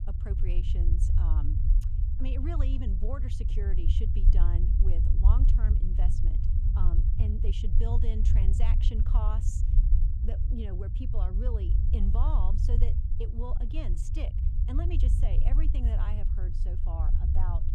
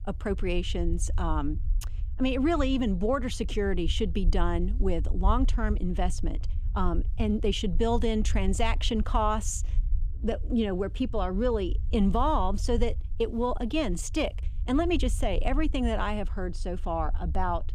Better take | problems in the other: second | low rumble; loud; throughout; 2 dB below the speech; faint in the second

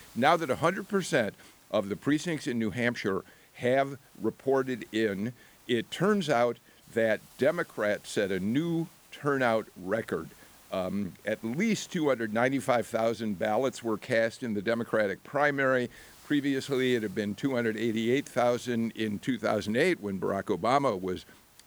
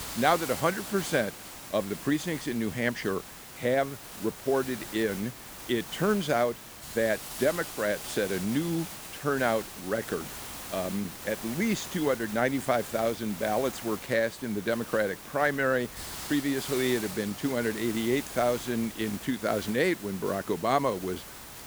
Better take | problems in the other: first | hiss; loud; throughout; 10 dB below the speech; faint in the first

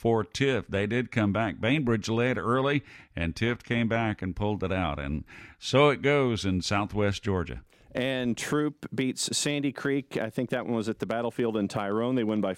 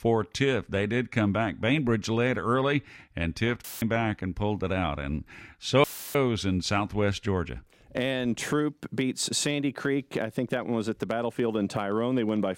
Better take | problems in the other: first | audio cutting out; filled with static; at 3.5 s and at 6 s

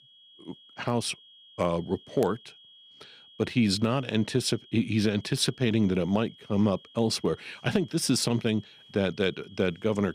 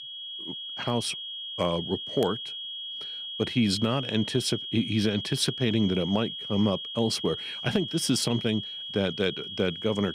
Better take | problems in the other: first | high-pitched whine; loud; throughout; 3.5 kHz, 6 dB below the speech; faint in the first

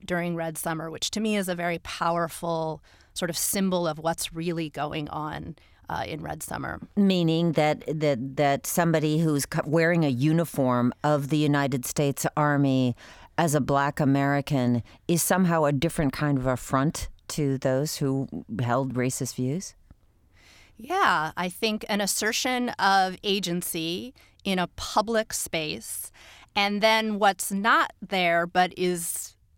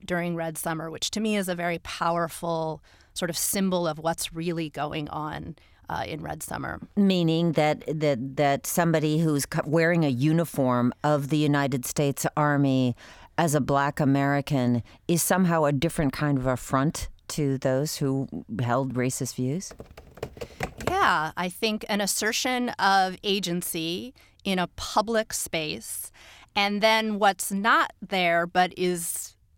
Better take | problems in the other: first | keyboard typing; noticeable; from 20 to 21 s; peak 7 dB below the speech

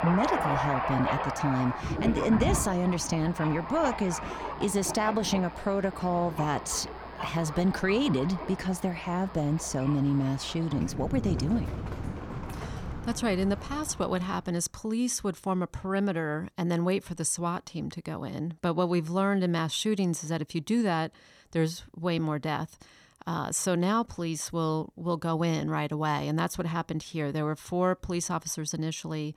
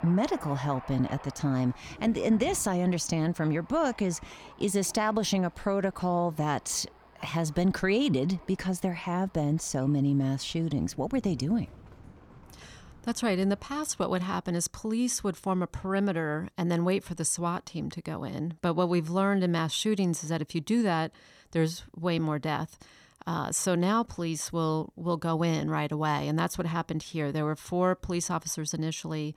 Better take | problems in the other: second | rain or running water; loud; until 14 s; 6 dB below the speech; faint in the second

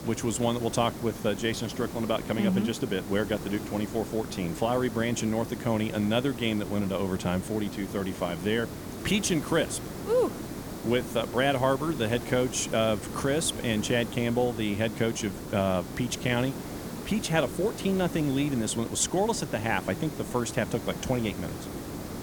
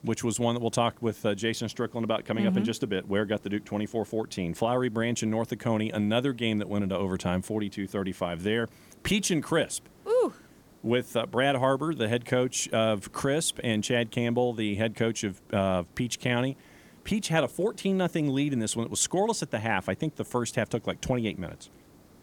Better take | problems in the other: second | hiss; loud; throughout; 10 dB below the speech; faint in the second

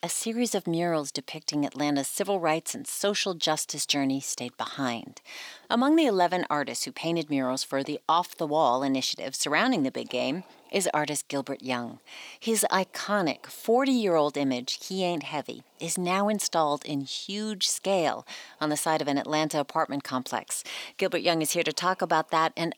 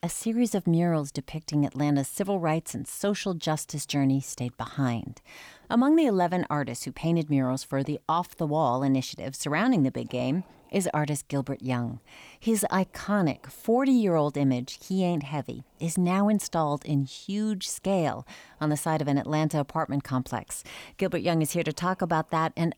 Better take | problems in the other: second | thin; very slightly; fading below 300 Hz

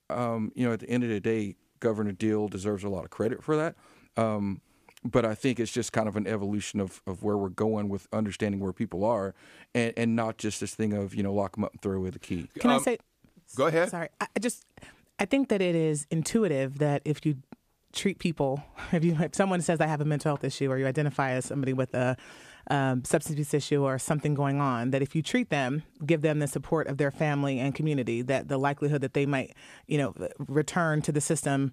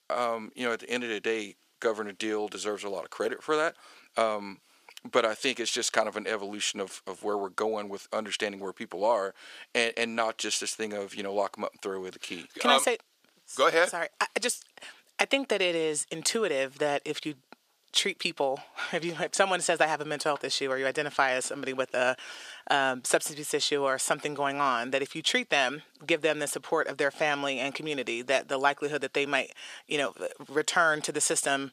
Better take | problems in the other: first | thin; somewhat; fading below 500 Hz

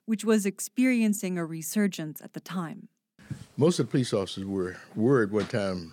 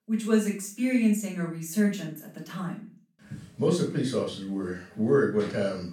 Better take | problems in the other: first | off-mic speech; far // room echo; noticeable; dies away in 0.3 s

